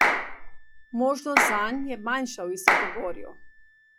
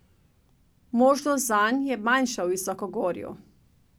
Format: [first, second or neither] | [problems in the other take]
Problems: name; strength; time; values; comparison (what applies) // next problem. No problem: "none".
second | noise reduction (classical method log-MMSE)